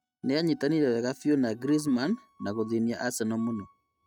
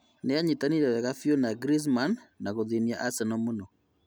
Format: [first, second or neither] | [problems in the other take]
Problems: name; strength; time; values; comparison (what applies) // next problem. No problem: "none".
second | noise reduction (neural mask model RNNoise)